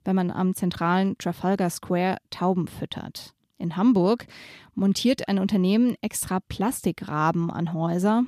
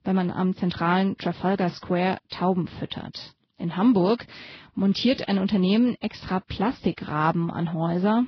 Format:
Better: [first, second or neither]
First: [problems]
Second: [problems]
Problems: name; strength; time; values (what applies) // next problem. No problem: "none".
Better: first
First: none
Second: garbled, watery; badly; nothing above 5.5 kHz